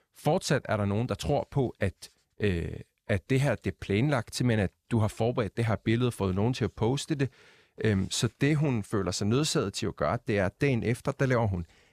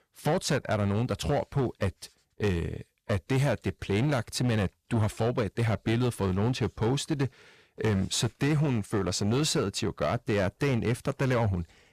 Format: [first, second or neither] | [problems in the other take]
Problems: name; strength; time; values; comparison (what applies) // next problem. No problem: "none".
first | distortion; slight; 10% of the sound clipped